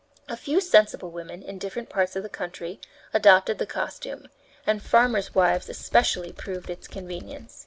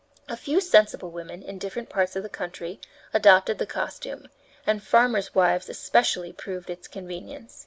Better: second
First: background sound (Typing); 16 dB below the speech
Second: none

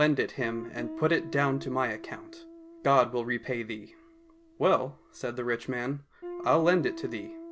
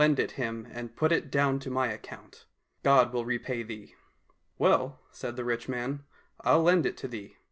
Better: second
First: background sound (Guitar); 14 dB below the speech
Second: none

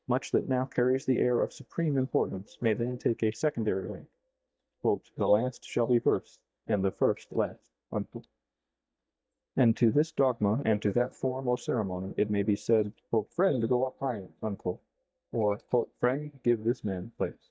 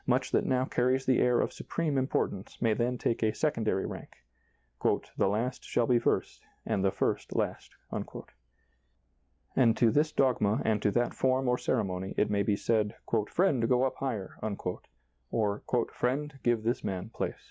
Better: second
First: noise reduction (neural mask model DeepFilterNet 3)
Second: none

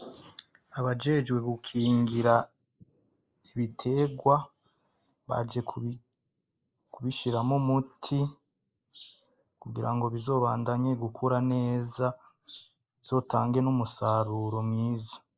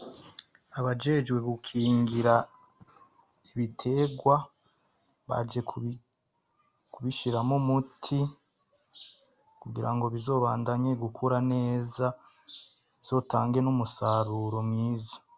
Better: second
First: noise reduction (neural mask model Resemble Enhance denoiser)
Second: none

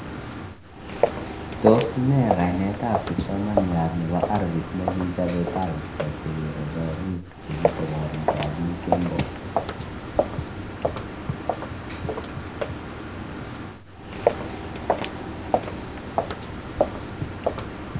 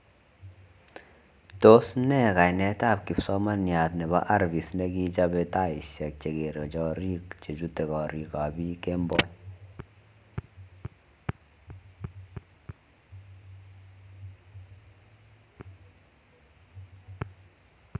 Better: second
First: background sound (Walk, footsteps); 1 dB below the speech // room echo; dies away in 0.4 s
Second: none

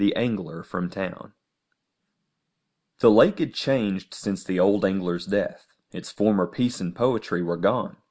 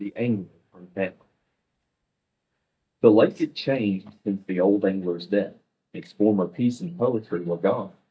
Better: first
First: none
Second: noise reduction (neural mask model DeepFilterNet 3)

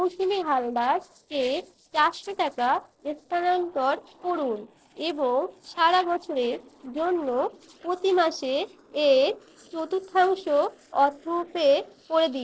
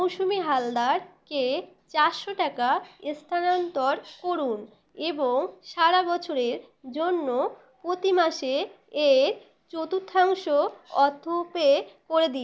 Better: second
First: noise reduction (neural separator model SepFormer DNS4)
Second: none

